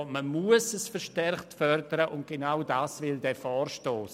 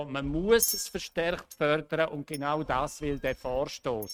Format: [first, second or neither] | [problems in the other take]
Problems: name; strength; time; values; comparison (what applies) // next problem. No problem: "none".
first | noise reduction (neural mask model RNNoise)